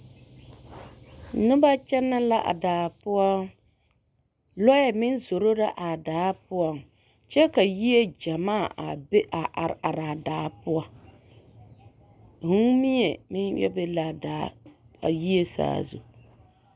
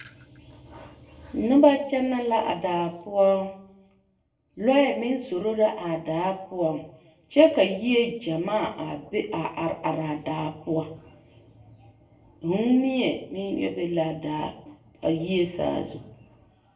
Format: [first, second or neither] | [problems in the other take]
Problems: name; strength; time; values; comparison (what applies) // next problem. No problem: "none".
first | room echo; dies away in 0.6 s